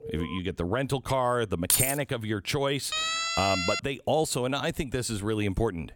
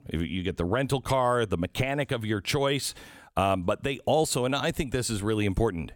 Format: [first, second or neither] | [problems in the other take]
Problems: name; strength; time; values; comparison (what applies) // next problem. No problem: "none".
second | alarm; faint; at the start; peak 10 dB below the speech // jangling keys; loud; at 1.5 s; peak 6 dB above the speech // siren; loud; at 3 s; peak 2 dB above the speech